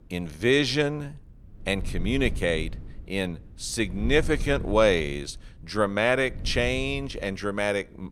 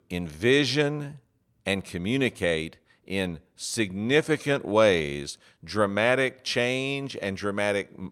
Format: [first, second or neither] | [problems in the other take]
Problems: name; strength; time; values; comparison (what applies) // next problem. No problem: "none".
second | wind noise on the microphone; occasional gusts; 25 dB below the speech